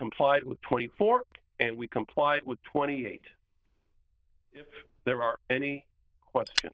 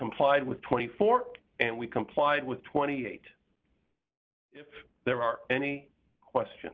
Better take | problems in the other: second | noise reduction (neural diffusion model UNIVERSE++)

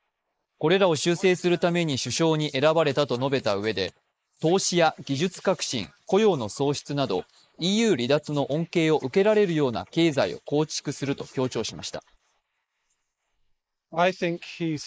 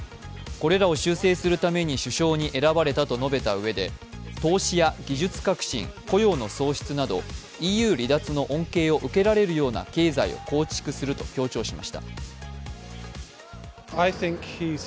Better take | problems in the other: second | noise reduction (neural mask model Resemble Enhance denoiser)

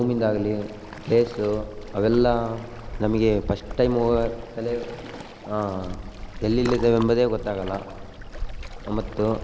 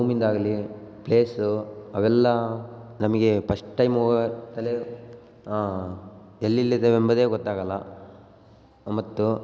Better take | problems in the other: second | background sound (Waves, surf); 10 dB below the speech

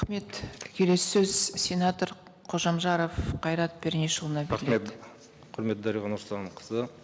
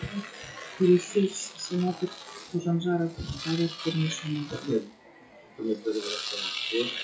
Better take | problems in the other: first | noise reduction (classical method WPE with log-MMSE)

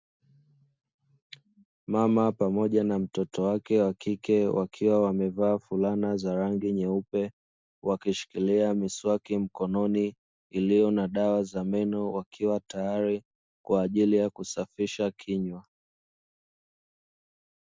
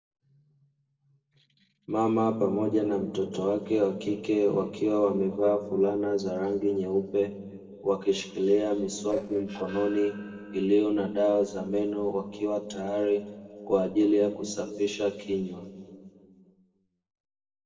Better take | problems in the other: first | noise reduction (neural separator model SepFormer DNS4)

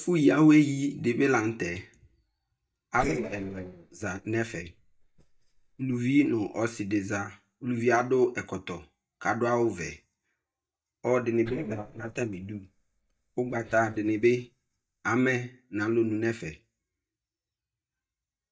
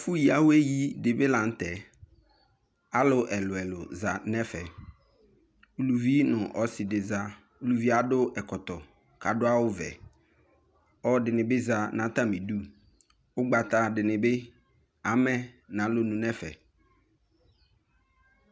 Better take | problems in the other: second | noise reduction (neural mask model DeepFilterNet 3)

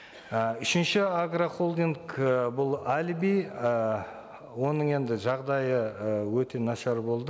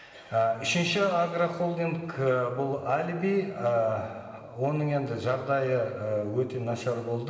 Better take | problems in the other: first | room echo; dies away in 2 s

